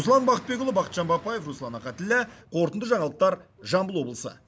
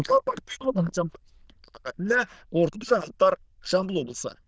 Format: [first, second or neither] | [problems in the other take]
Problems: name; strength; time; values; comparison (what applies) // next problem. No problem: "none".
first | noise reduction (neural diffusion model UNIVERSE++)